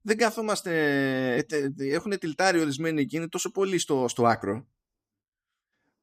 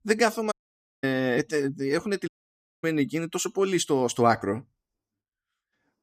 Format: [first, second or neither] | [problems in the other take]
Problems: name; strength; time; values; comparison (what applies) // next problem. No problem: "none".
first | audio cutting out; at 0.5 s for 0.5 s and at 2.5 s for 0.5 s